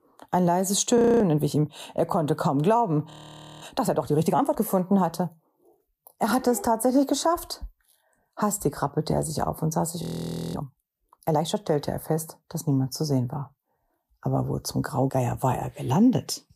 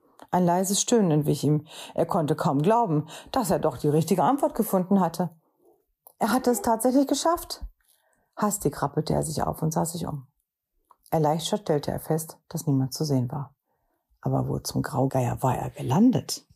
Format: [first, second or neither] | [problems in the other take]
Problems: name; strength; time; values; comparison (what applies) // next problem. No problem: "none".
second | audio freezing; at 1 s, at 3 s for 0.5 s and at 10 s for 0.5 s